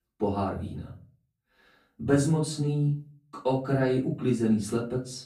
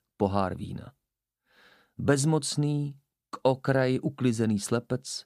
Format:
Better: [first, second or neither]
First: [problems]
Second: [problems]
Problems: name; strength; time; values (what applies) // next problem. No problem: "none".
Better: second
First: off-mic speech; far // room echo; slight; dies away in 0.4 s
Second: none